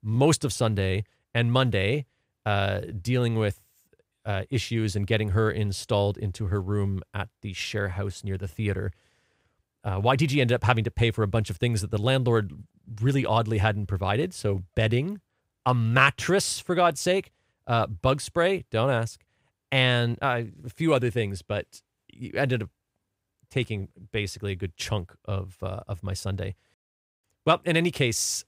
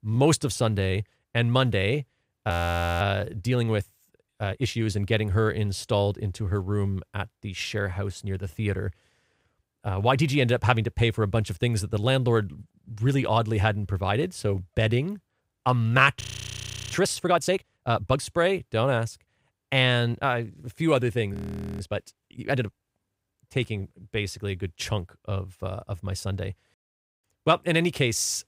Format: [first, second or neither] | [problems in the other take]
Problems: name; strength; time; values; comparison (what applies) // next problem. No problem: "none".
first | audio freezing; at 2.5 s for 0.5 s, at 16 s for 0.5 s and at 21 s